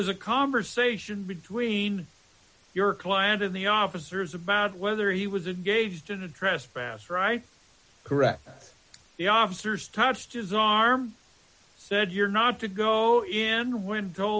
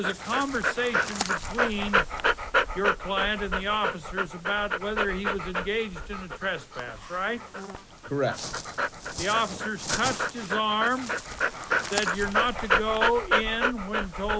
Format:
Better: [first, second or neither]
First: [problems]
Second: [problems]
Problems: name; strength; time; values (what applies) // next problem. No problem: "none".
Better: first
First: none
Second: background sound (Dog); 1 dB above the speech